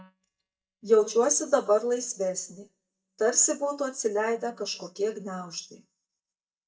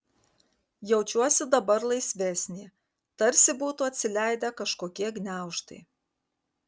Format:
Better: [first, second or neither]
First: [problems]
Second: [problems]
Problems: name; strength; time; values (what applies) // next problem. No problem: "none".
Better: second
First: noise reduction (neural mask model DeepFilterNet 3)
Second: none